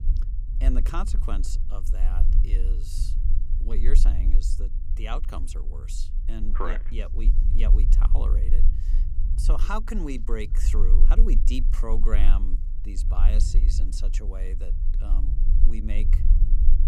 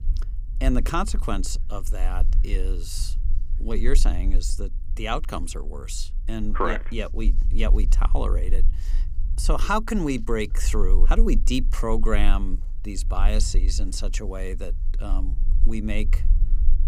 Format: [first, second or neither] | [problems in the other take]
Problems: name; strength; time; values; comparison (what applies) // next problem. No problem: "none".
second | low rumble; loud; throughout; 10 dB below the speech; faint in the second